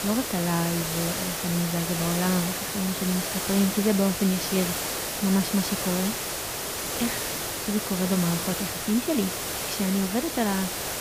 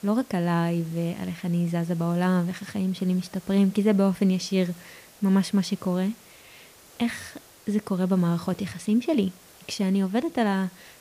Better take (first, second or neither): second